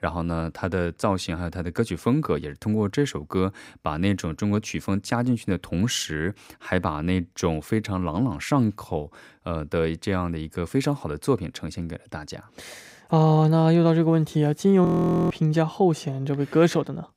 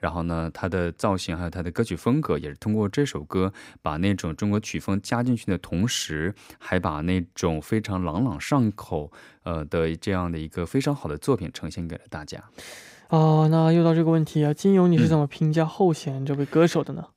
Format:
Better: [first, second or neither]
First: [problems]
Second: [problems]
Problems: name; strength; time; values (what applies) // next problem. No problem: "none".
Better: second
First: audio freezing; at 15 s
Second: none